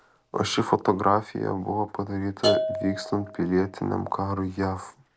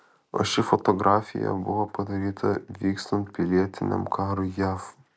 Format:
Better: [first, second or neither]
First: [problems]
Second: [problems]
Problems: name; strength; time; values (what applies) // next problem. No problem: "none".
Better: second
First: background sound (Bell / Percussion); 7 dB below the speech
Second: none